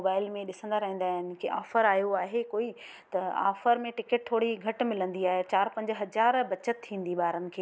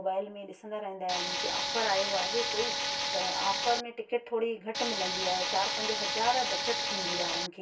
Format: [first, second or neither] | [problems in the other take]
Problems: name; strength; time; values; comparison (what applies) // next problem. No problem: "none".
first | background sound (Tools); 2 dB above the speech // room echo; dies away in 0.2 s